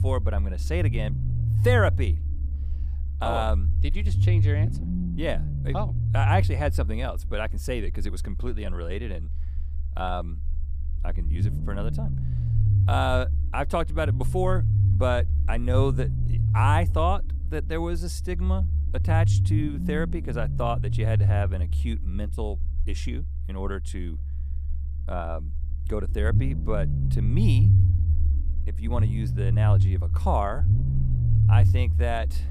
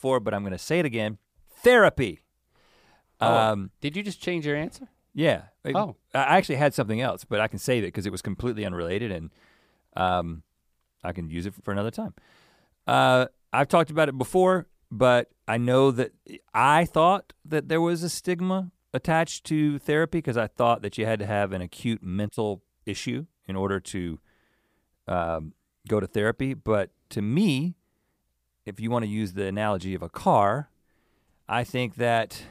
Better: second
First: low rumble; loud; throughout; 9 dB below the speech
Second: none

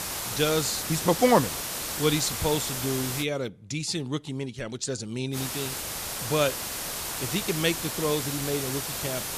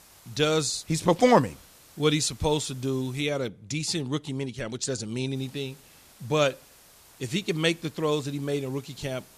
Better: second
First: hiss; loud; until 3 s and from 5.5 s on; 3 dB below the speech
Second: hiss; faint; until 3 s and from 5.5 s on; 25 dB below the speech

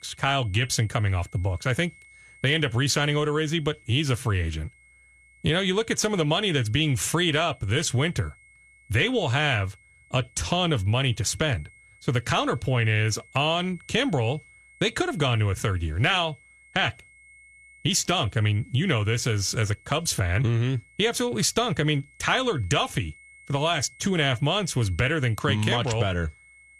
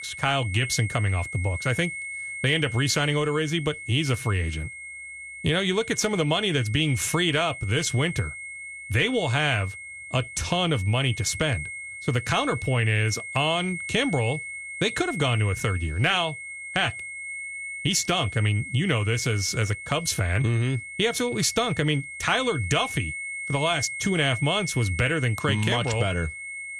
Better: first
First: high-pitched whine; faint; throughout; 2 kHz, 25 dB below the speech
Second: high-pitched whine; loud; throughout; 2 kHz, 9 dB below the speech

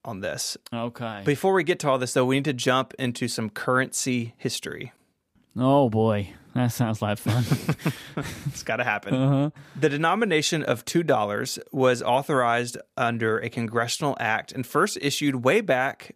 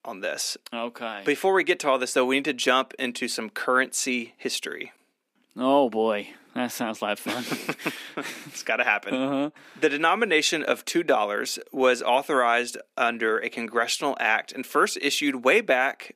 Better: first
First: none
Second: thin; very slightly; fading below 250 Hz

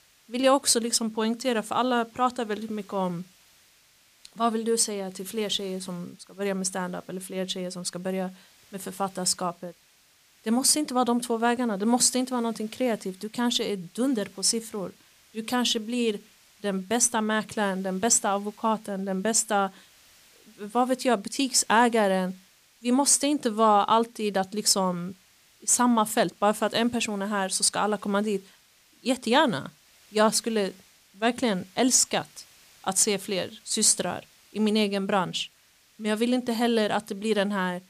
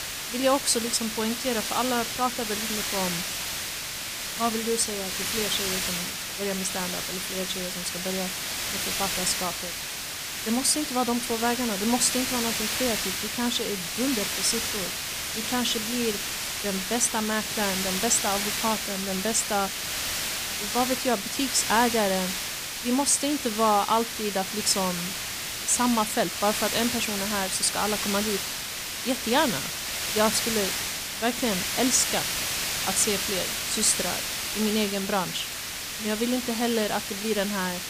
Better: first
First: hiss; faint; throughout; 30 dB below the speech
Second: hiss; loud; throughout; 1 dB below the speech

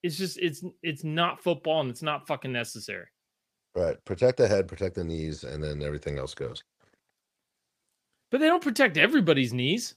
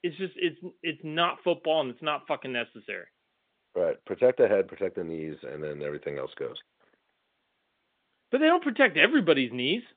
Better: first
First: none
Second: phone-call audio; nothing above 3 kHz

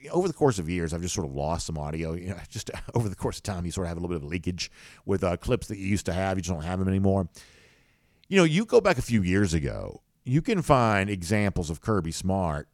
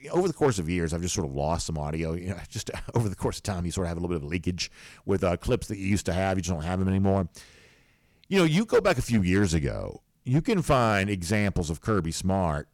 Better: first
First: none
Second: distortion; slight; 2% of the sound clipped

